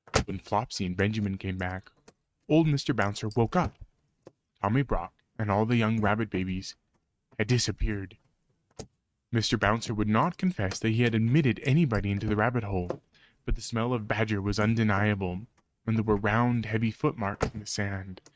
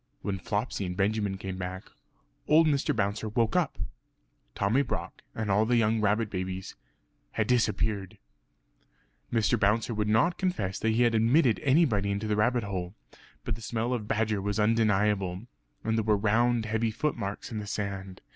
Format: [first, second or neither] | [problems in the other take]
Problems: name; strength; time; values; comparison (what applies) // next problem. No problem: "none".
second | noise reduction (neural mask model RNNoise)